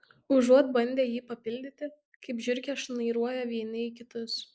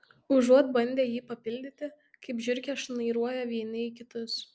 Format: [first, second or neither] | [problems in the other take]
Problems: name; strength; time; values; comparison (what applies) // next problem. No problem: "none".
second | noise reduction (neural mask model Resemble Enhance denoiser)